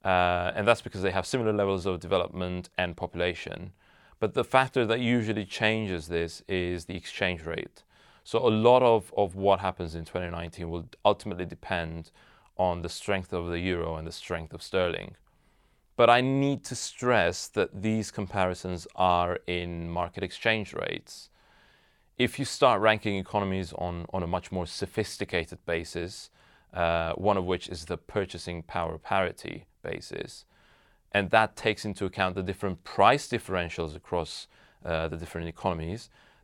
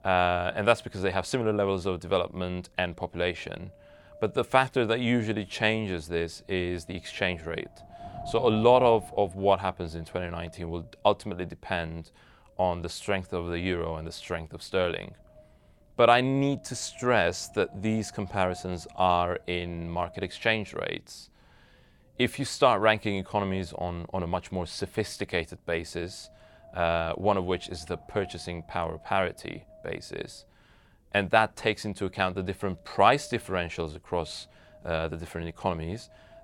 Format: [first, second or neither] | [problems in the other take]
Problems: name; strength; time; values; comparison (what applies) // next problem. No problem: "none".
first | wind noise on the microphone; occasional gusts; 20 dB below the speech